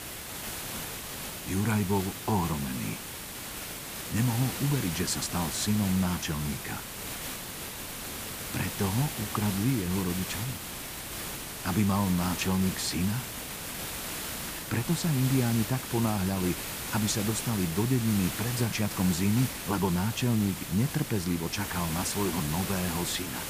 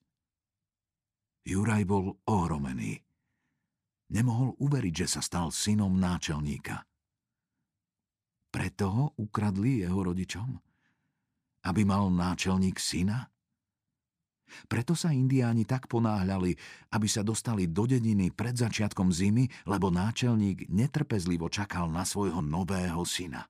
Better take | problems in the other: second | hiss; loud; throughout; 5 dB below the speech

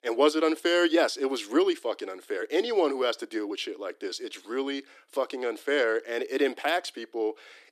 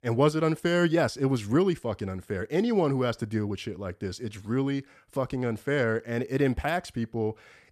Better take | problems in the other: second | thin; somewhat; fading below 300 Hz

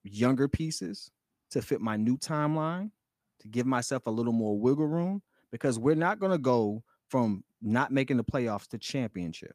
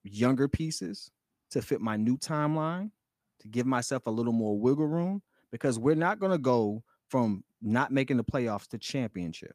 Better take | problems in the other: neither | none

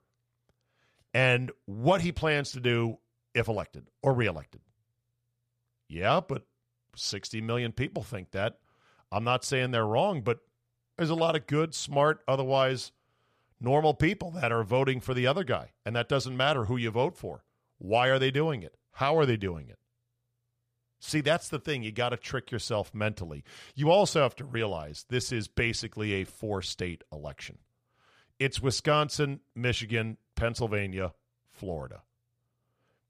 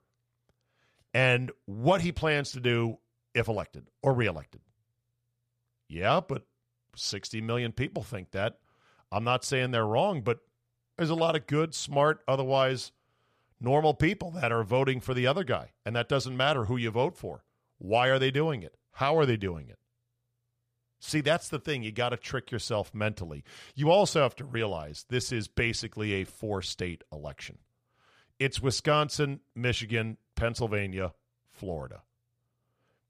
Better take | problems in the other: neither | none

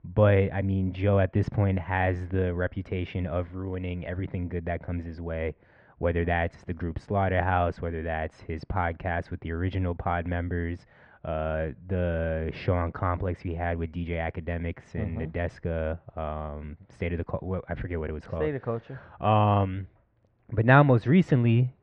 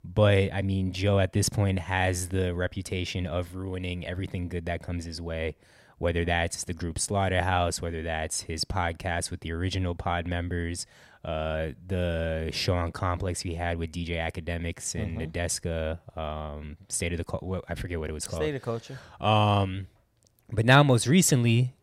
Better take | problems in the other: second | muffled; very; fading above 2 kHz

